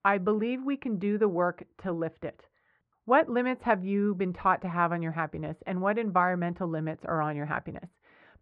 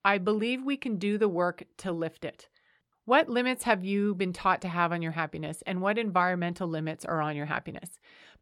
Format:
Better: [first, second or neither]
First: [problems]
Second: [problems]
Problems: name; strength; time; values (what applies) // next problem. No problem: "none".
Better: second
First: muffled; very; fading above 1.5 kHz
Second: none